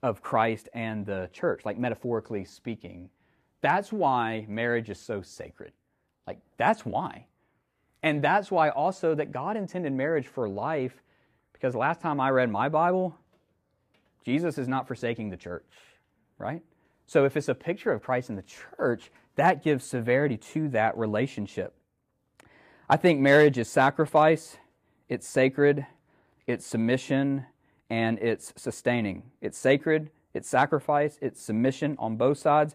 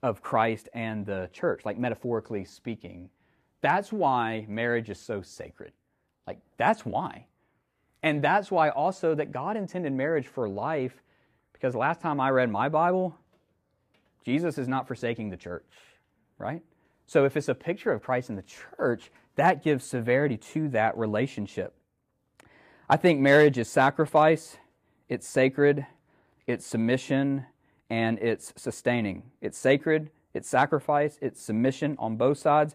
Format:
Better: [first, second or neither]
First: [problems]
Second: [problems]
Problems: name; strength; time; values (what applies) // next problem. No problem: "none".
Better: neither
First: none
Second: none